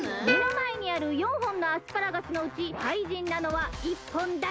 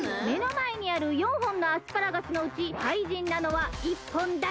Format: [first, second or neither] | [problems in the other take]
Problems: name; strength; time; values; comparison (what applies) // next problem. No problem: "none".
second | background sound (Plucked string instrument); 5 dB below the speech